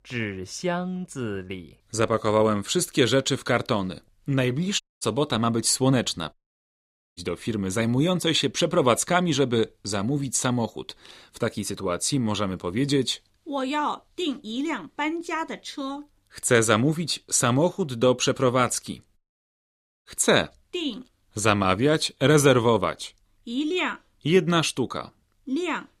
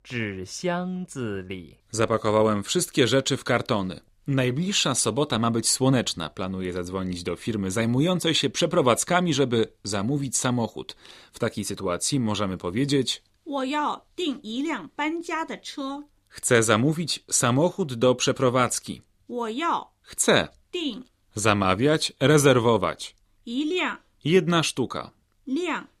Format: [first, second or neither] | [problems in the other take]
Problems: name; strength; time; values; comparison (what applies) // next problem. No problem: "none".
second | audio cutting out; at 5 s, at 6.5 s for 1 s and at 19 s for 1 s